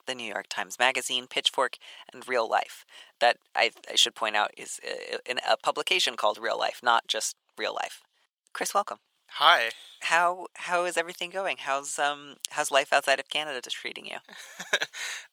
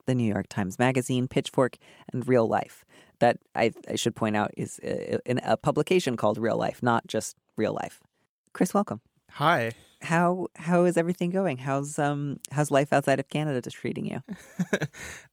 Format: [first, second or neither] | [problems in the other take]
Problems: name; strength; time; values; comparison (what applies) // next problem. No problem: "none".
second | thin; very; fading below 900 Hz